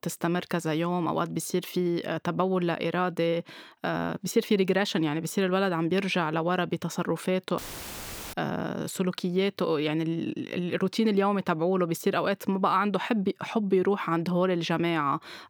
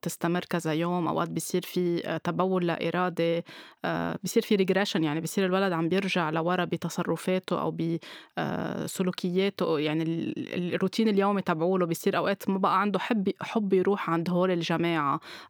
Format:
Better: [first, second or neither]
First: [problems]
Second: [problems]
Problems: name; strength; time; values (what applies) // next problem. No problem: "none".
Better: second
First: audio cutting out; filled with static; at 7.5 s for 1 s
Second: none